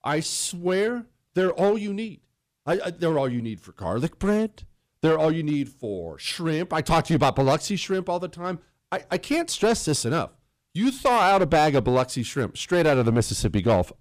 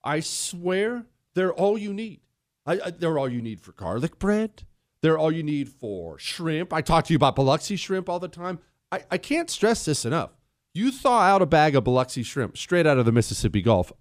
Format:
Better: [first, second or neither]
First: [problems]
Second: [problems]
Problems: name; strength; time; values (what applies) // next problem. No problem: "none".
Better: second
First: distortion; slight; 5% of the sound clipped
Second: none